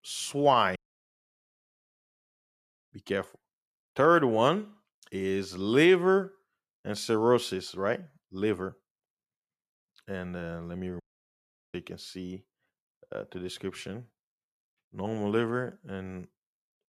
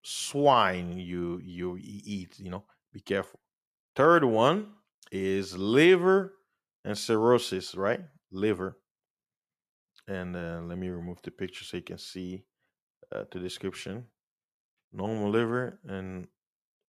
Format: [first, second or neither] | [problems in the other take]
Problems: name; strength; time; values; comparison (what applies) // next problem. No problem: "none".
second | audio cutting out; at 1 s for 2 s and at 11 s for 0.5 s